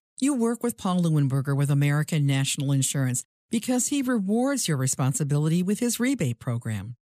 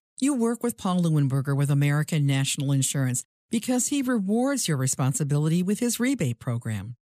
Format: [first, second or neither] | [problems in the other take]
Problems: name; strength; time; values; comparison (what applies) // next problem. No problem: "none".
neither | none